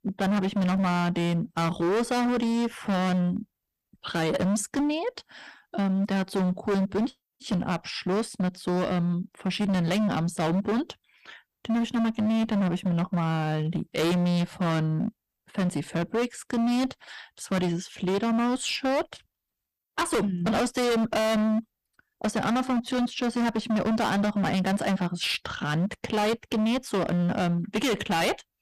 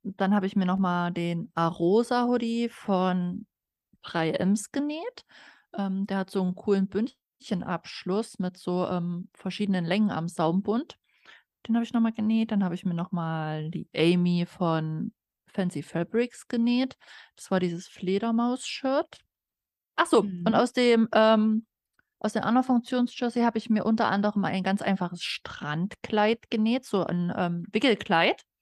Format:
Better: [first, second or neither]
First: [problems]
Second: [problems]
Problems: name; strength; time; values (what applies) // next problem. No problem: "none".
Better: second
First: distortion; heavy; 26% of the sound clipped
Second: none